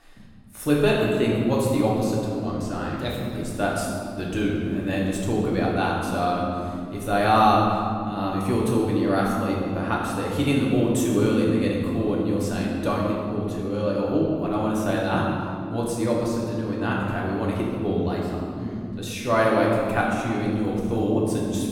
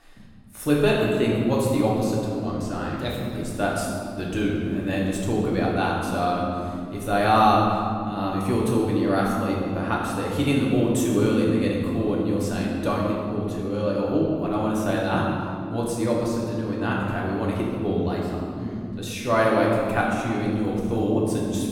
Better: neither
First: room echo; noticeable; dies away in 2.6 s // off-mic speech; far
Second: room echo; noticeable; dies away in 2.6 s // off-mic speech; far

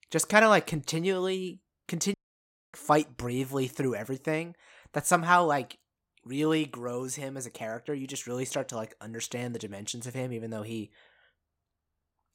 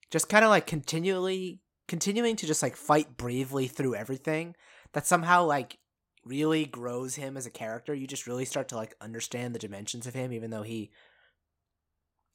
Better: second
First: audio cutting out; at 2 s for 0.5 s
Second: none

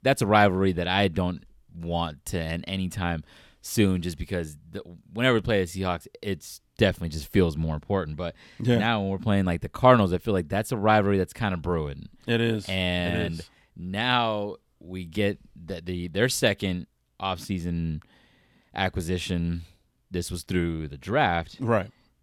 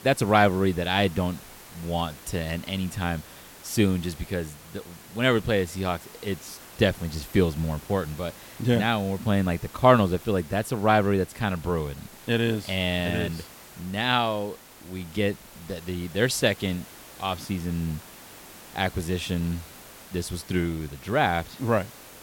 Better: first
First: none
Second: hiss; noticeable; throughout; 20 dB below the speech

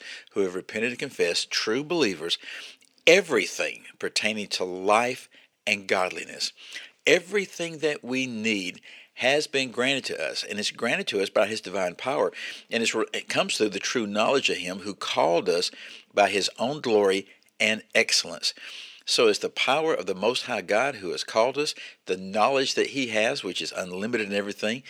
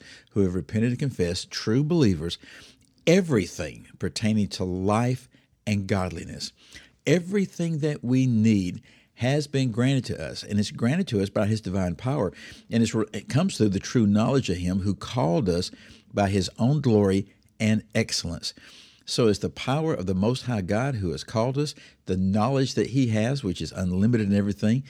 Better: second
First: thin; very; fading below 550 Hz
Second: none

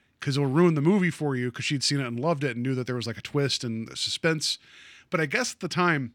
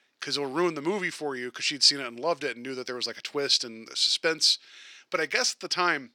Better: first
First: none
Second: thin; somewhat; fading below 450 Hz

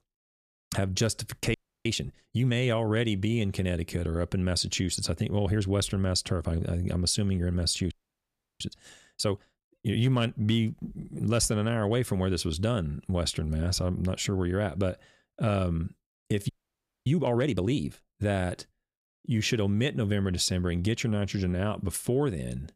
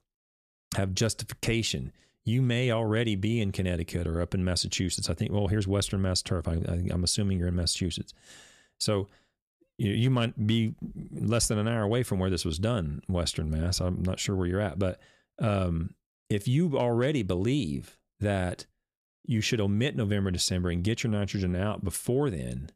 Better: second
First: audio freezing; at 1.5 s, at 8 s for 0.5 s and at 16 s for 0.5 s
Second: none

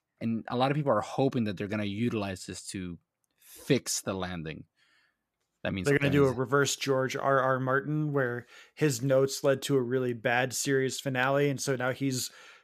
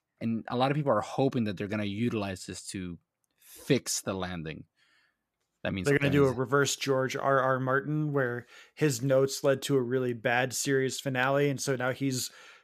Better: neither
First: none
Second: none

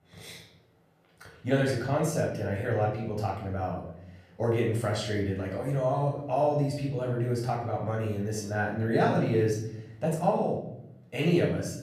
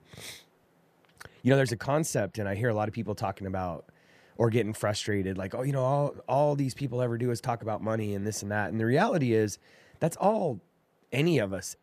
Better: second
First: off-mic speech; far // room echo; noticeable; dies away in 0.8 s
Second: none

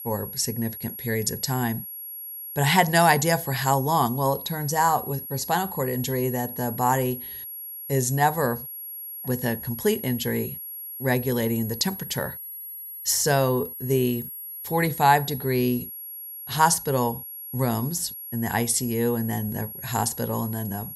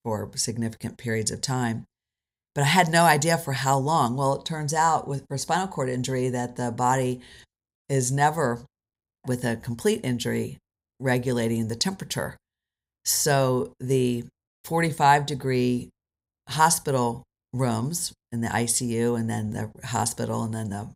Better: second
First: high-pitched whine; loud; throughout; 11.5 kHz, 10 dB below the speech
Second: none

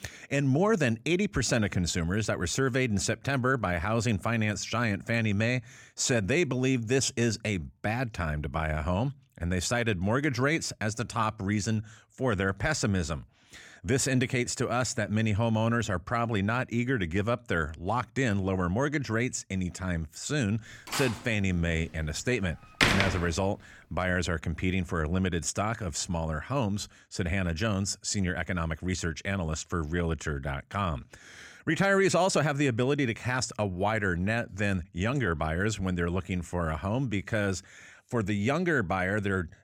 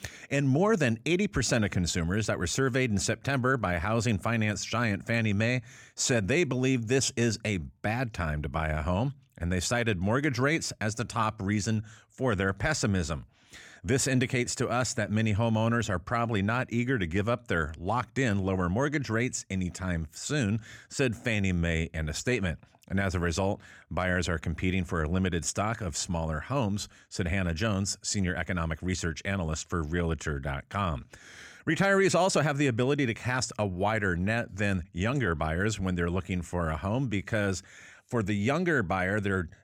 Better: second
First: door banging; loud; from 21 to 23 s; peak 5 dB above the speech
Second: none

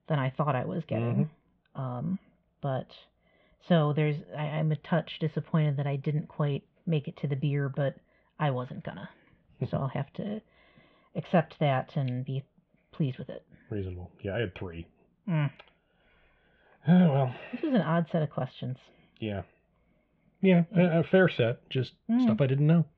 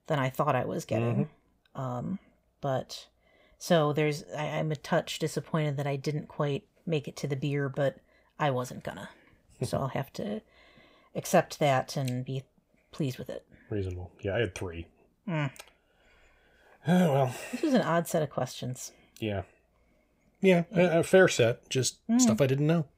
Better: second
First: muffled; very; fading above 3.5 kHz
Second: none

